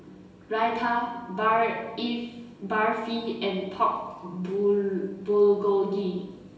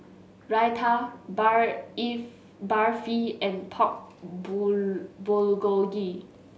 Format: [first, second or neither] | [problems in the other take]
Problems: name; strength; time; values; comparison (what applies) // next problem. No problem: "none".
second | room echo; dies away in 0.9 s